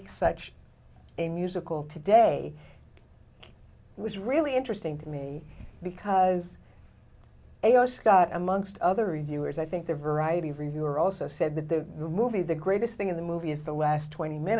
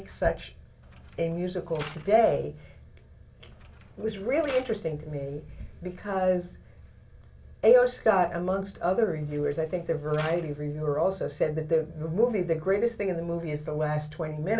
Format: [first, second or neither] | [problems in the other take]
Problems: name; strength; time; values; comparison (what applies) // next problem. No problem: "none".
first | background sound (Mechanisms); 20 dB below the speech // room echo; dies away in 0.2 s